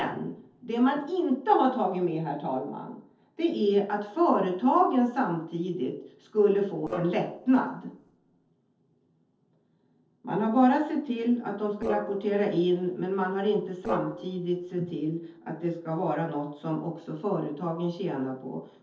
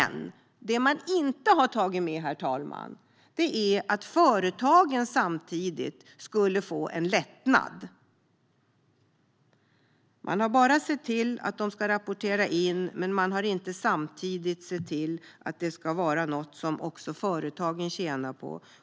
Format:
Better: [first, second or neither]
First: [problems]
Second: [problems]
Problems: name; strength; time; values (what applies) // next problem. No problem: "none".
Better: second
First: noise reduction (neural separator model SepFormer DNS4)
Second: none